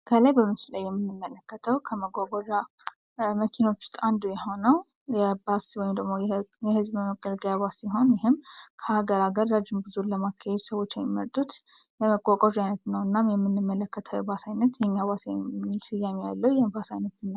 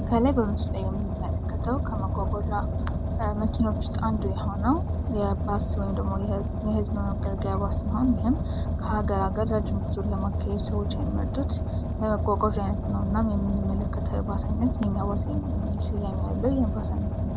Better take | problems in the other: first | background sound (Car); 2 dB above the speech

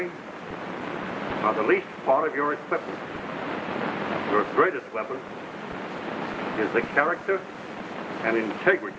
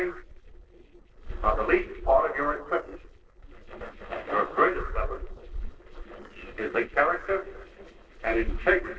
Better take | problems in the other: first | noise reduction (neural separator model SepFormer DNS4)

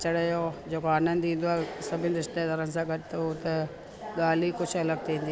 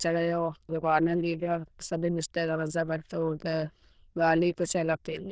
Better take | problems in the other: first | noise reduction (neural diffusion model UNIVERSE++)

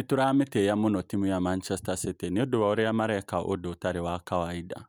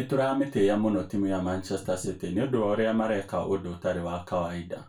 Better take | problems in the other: first | room echo; dies away in 0.2 s

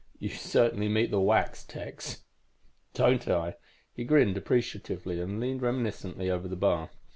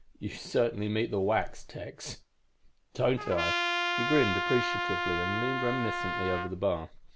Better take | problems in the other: first | background sound (Trumpet); as loud as the speech

